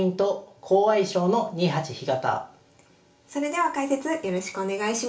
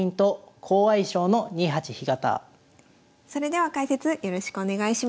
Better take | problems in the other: second | room echo; dies away in 0.4 s

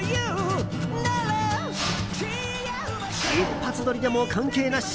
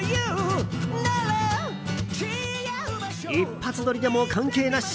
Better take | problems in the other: second | background sound (Mechanisms); 8 dB below the speech

